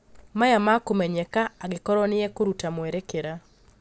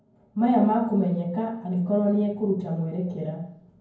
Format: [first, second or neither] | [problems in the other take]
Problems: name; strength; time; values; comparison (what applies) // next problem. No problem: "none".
first | room echo; dies away in 0.9 s